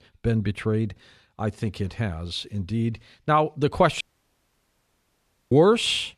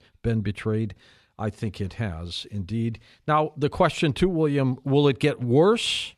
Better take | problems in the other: second | audio cutting out; at 4 s for 1.5 s

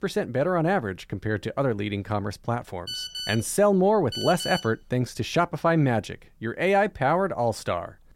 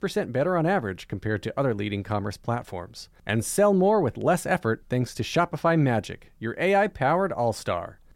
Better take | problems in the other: second | phone ringing; noticeable; from 3 to 4.5 s; peak 5 dB below the speech

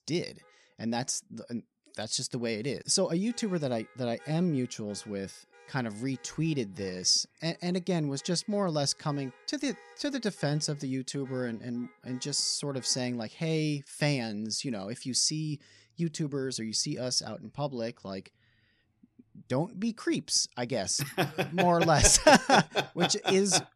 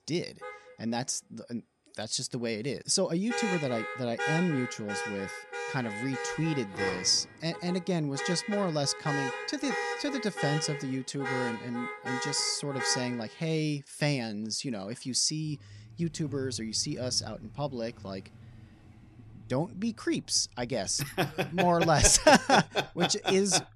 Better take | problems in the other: first | traffic noise; loud; throughout; 7 dB below the speech; faint in the first

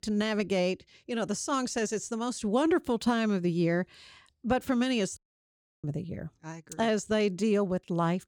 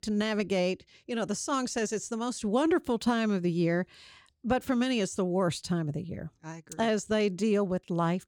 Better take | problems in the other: second | audio cutting out; at 5 s for 0.5 s

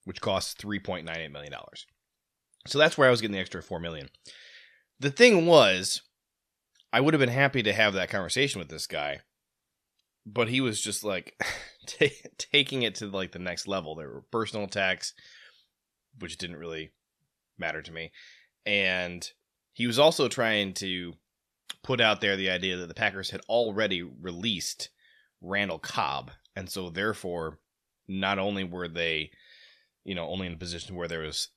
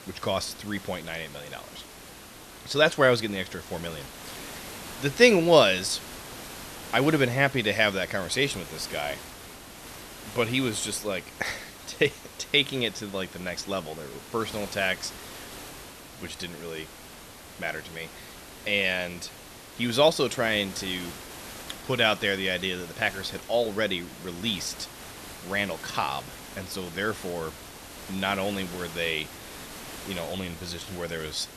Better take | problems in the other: first | hiss; noticeable; throughout; 15 dB below the speech

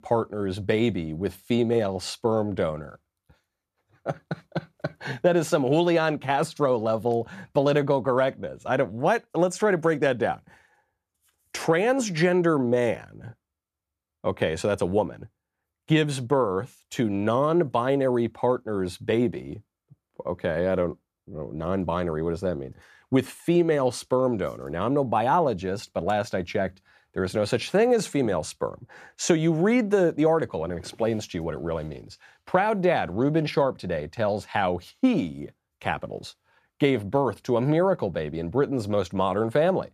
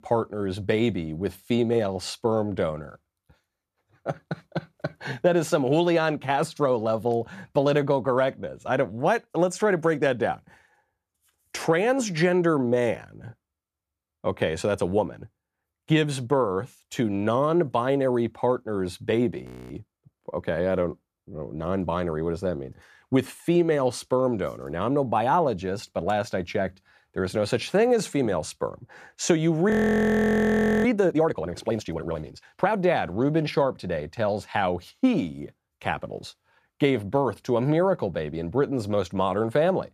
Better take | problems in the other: first | audio freezing; at 19 s and at 30 s for 1 s

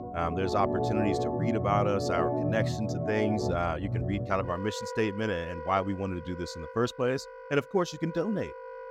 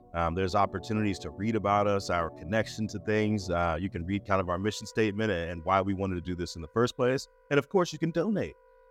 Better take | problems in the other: second | background music; loud; throughout; 2 dB below the speech; faint in the second

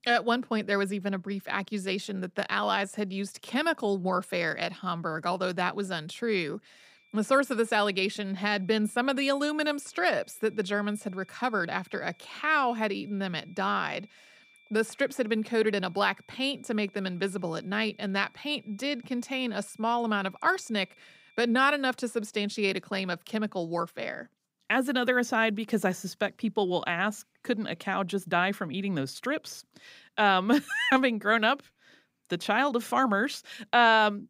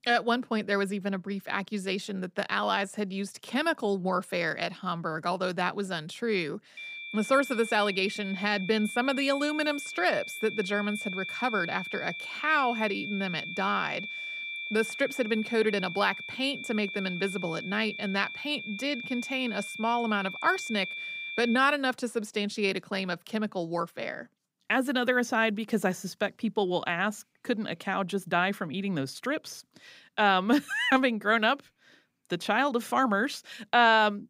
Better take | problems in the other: first | high-pitched whine; loud; from 7 to 22 s; 2.5 kHz, 8 dB below the speech; faint in the first

